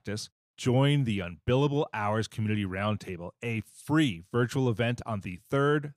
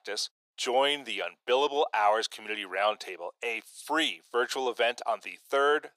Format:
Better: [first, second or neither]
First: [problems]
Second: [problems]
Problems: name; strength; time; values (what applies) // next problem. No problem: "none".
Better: first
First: none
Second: thin; very; fading below 450 Hz